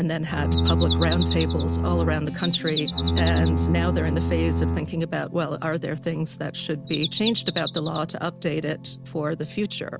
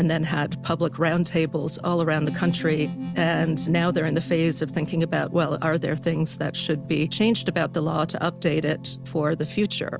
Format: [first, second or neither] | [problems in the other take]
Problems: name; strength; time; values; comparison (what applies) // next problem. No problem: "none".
second | background sound (Bowed string instrument + Bird vocalization, bird call, bird song); 2 dB above the speech